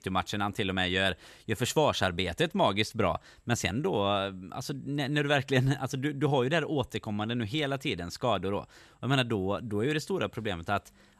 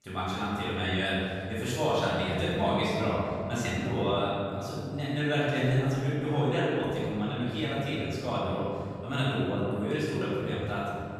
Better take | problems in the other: first | room echo; strong; dies away in 2.7 s // off-mic speech; far

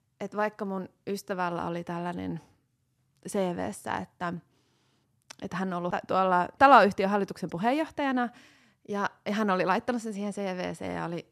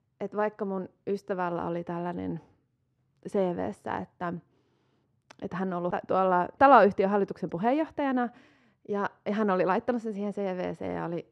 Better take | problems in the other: first | muffled; slightly; fading above 1.5 kHz

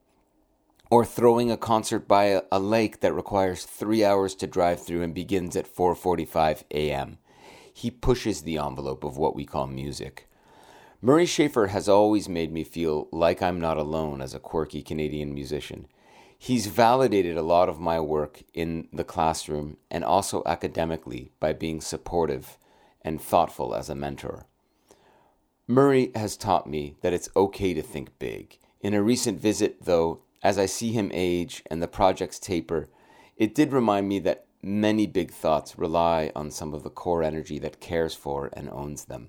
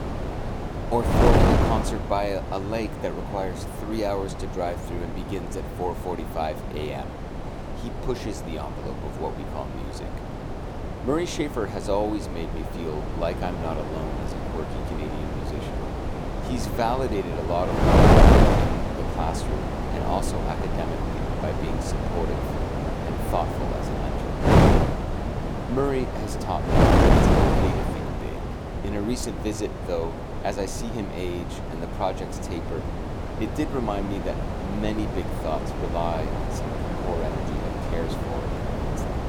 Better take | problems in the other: first | wind noise on the microphone; heavy; 2 dB above the speech

